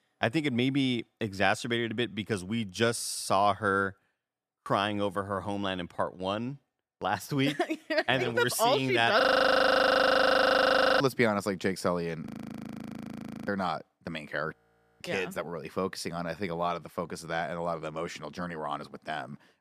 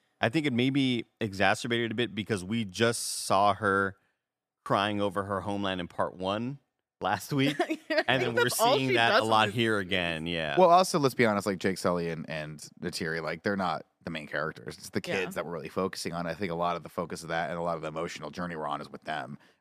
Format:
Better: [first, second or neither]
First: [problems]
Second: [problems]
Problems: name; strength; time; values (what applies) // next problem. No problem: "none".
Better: second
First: audio freezing; at 9 s for 2 s, at 12 s for 1 s and at 15 s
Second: none